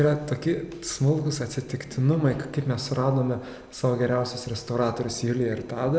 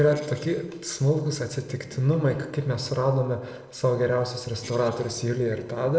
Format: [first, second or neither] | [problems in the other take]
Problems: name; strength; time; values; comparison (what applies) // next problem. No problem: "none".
first | noise reduction (neural separator model SepFormer DNS4)